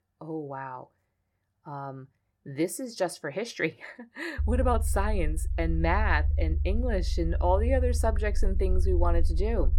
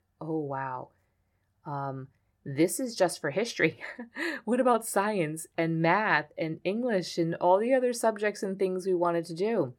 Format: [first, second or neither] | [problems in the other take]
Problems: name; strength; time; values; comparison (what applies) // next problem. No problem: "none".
second | low rumble; noticeable; from 4.5 s on; 20 dB below the speech